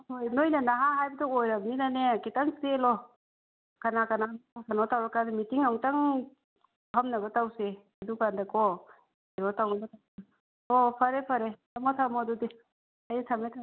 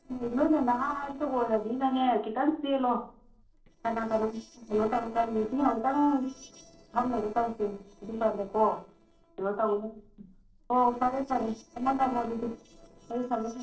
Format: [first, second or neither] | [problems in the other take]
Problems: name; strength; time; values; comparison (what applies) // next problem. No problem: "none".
first | noise reduction (neural separator model SepFormer DNS4)